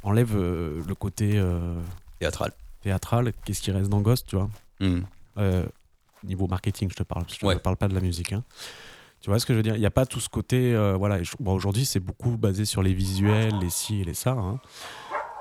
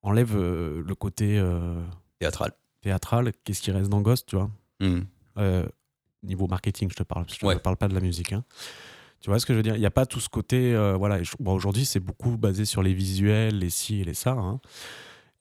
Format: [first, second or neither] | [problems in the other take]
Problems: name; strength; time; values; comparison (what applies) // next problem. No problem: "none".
second | animal sounds; noticeable; throughout; 20 dB below the speech